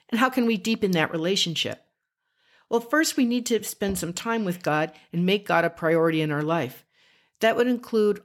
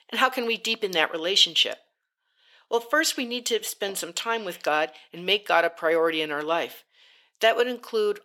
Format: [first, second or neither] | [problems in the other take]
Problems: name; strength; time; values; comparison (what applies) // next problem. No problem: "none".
first | thin; somewhat; fading below 550 Hz